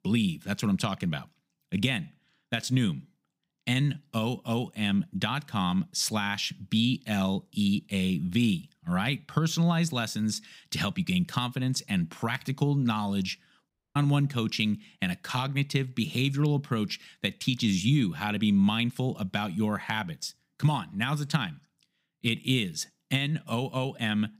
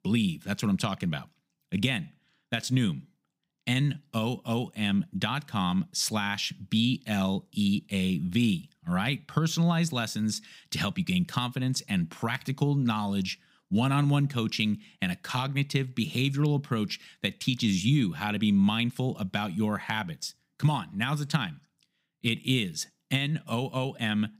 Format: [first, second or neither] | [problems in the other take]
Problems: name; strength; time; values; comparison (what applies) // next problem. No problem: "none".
second | audio cutting out; at 14 s